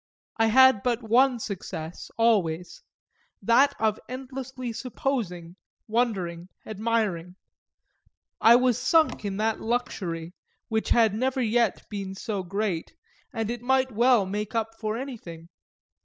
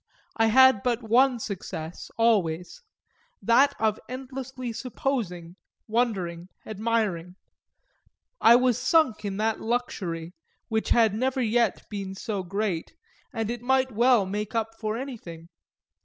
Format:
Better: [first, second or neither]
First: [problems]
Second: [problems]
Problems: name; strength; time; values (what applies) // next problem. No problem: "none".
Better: second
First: noise reduction (neural mask model DeepFilterNet 3)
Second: none